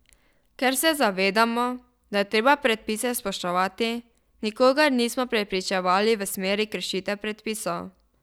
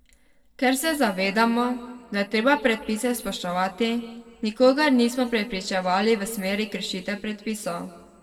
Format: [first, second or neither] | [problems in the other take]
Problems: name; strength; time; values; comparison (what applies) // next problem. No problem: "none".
first | room echo; dies away in 1.2 s